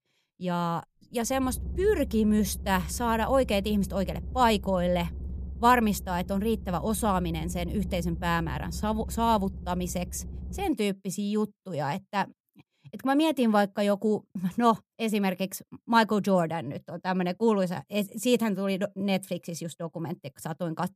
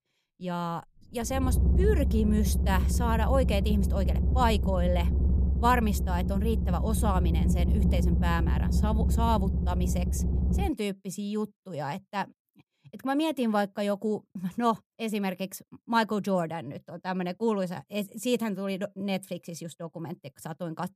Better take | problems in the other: first | low rumble; loud; until 11 s; 9 dB below the speech; faint in the first

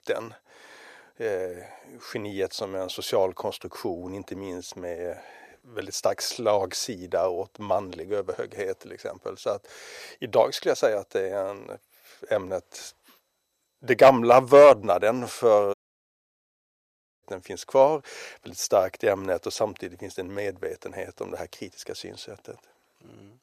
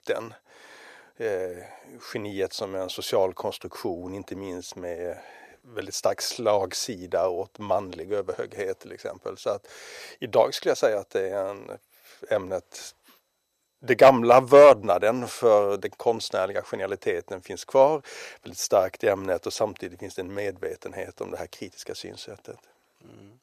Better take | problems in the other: second | audio cutting out; at 16 s for 1.5 s

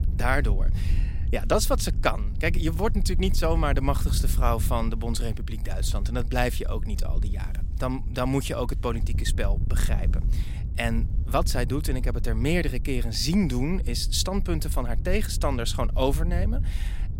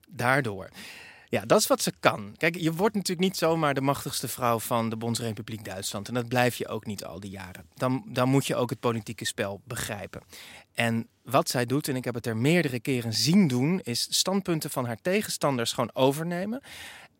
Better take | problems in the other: second | wind noise on the microphone; occasional gusts; 15 dB below the speech

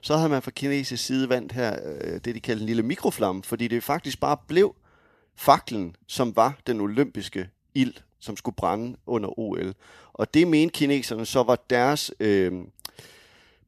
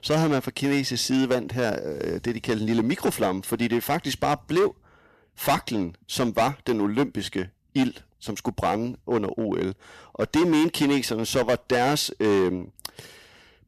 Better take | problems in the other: first | distortion; heavy; 8% of the sound clipped

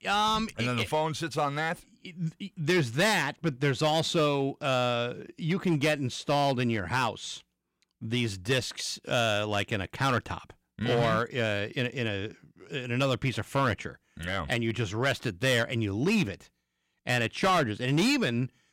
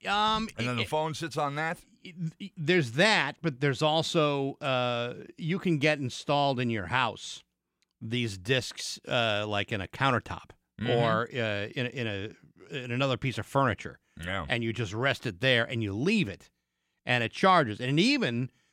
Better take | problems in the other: second | distortion; slight; 5% of the sound clipped

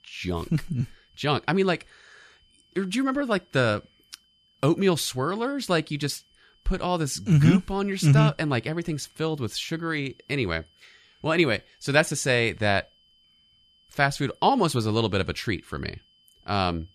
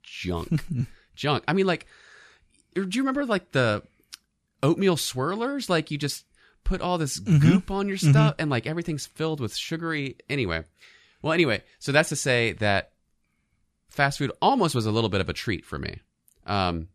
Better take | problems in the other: second | high-pitched whine; faint; throughout; 3 kHz, 35 dB below the speech

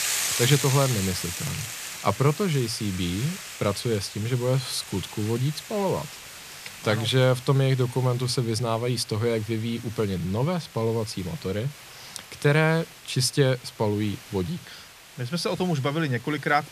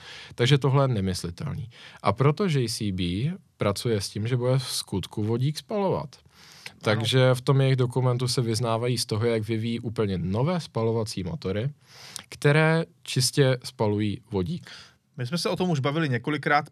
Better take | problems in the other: second | hiss; loud; throughout; 9 dB below the speech

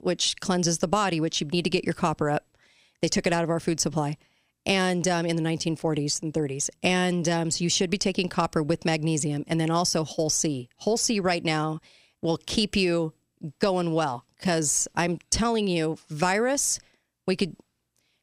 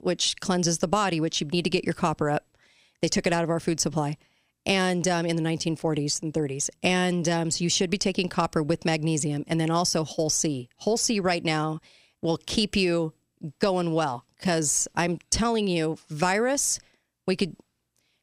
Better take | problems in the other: neither | none

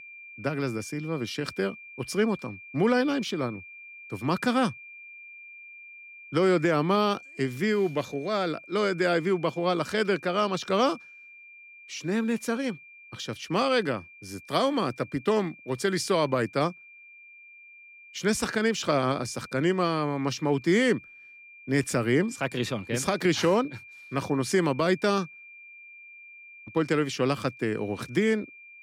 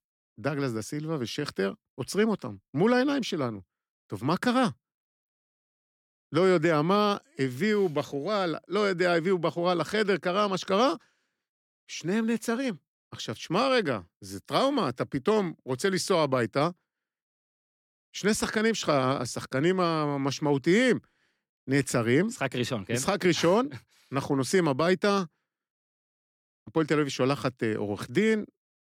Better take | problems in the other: second | high-pitched whine; noticeable; throughout; 2.5 kHz, 20 dB below the speech

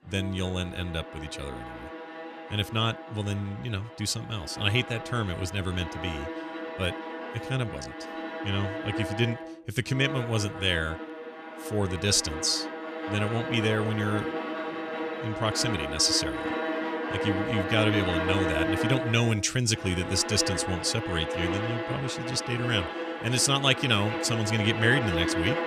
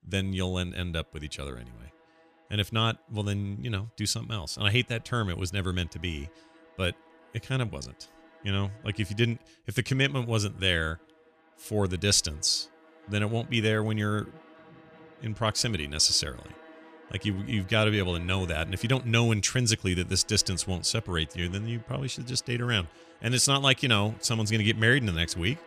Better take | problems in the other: second | background music; loud; throughout; 5 dB below the speech; faint in the second

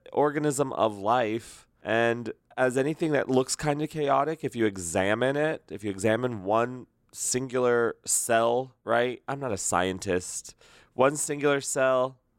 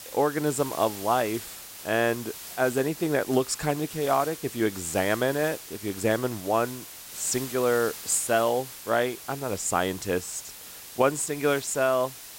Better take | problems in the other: first | hiss; noticeable; throughout; 10 dB below the speech

